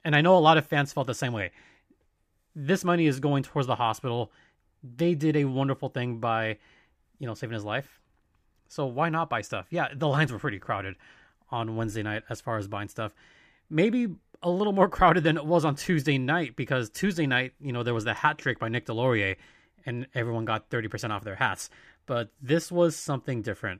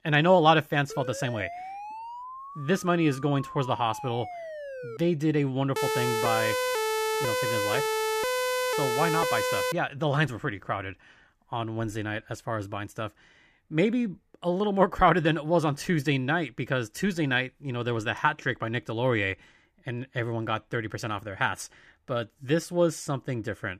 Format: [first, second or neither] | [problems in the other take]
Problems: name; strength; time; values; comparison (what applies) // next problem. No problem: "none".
first | siren; faint; from 1 to 5 s; peak 10 dB below the speech // siren; loud; from 6 to 9.5 s; peak 1 dB above the speech